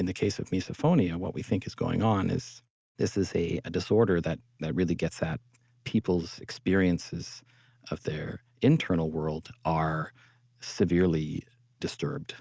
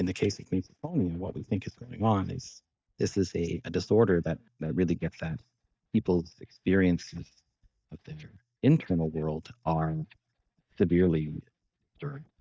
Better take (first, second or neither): first